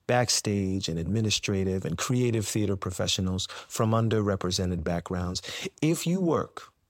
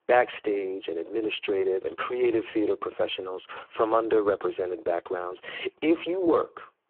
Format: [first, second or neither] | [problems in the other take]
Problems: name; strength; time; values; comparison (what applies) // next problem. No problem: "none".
first | phone-call audio; poor line